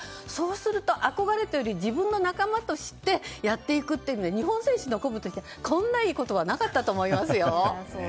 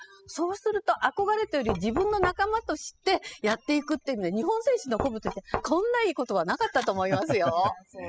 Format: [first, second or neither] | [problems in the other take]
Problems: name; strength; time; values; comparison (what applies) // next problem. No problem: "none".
first | noise reduction (classical method spectral subtraction)